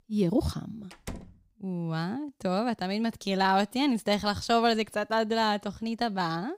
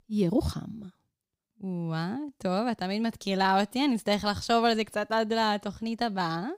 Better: second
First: door banging; faint; at 1 s; peak 15 dB below the speech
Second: none

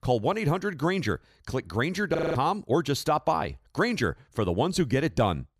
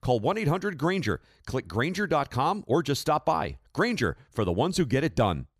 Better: second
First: audio freezing; at 2 s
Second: none

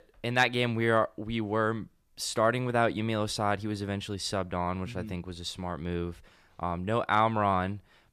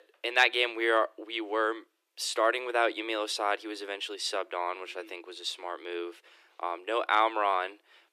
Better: first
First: none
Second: thin; very; fading below 350 Hz

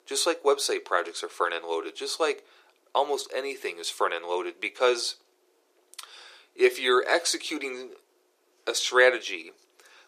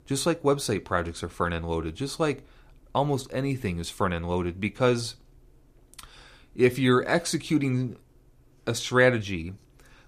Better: second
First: thin; very; fading below 400 Hz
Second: none

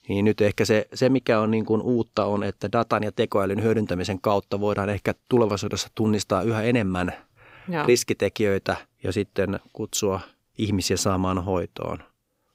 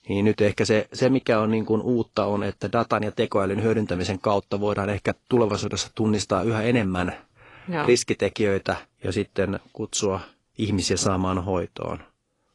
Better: first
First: none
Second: garbled, watery; slightly; nothing above 10 kHz

